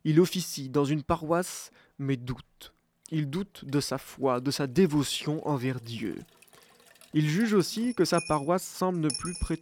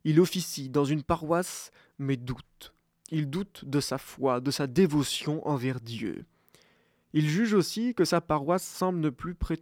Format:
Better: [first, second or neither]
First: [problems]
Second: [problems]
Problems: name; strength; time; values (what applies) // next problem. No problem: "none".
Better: second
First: household noises; noticeable; throughout; 10 dB below the speech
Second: none